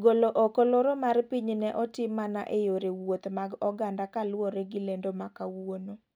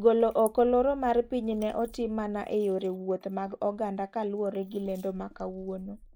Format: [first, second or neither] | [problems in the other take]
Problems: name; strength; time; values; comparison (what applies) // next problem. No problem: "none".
first | noise reduction (neural mask model Resemble Enhance denoiser)